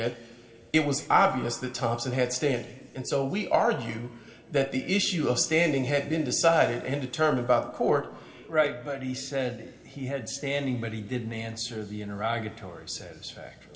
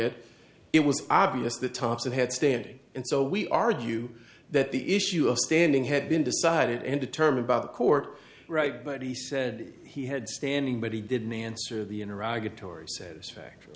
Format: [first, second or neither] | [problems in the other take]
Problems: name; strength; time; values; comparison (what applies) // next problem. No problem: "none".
second | room echo; dies away in 2 s